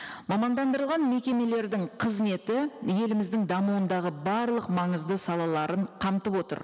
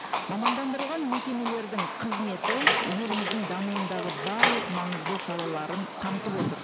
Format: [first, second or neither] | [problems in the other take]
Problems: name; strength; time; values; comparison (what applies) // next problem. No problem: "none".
first | background sound (Door + Livestock, farm animals, working animals); 2 dB above the speech